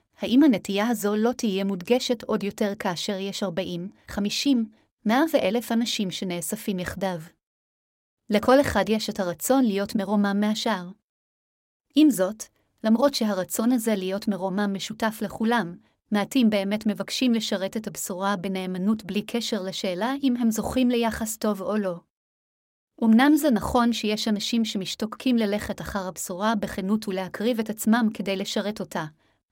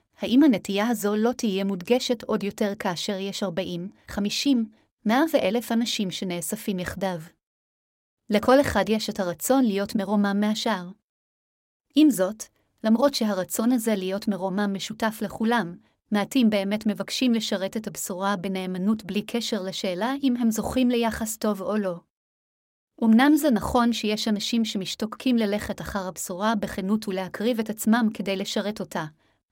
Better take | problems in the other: neither | none

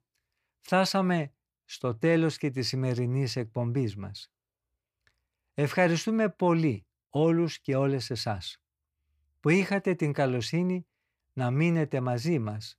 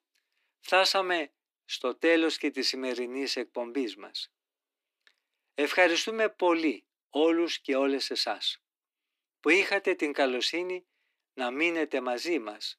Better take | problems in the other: first | thin; somewhat; fading below 250 Hz

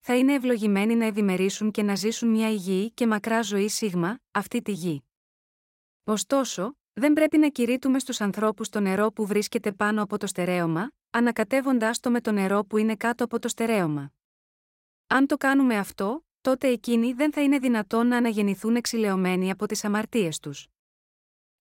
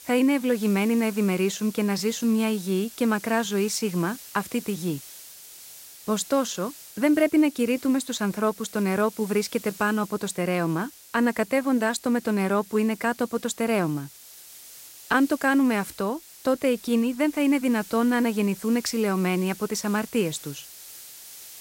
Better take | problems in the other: first | hiss; noticeable; throughout; 20 dB below the speech

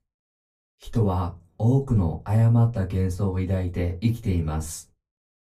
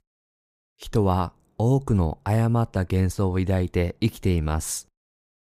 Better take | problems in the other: second | off-mic speech; far // room echo; very slight; dies away in 0.2 s

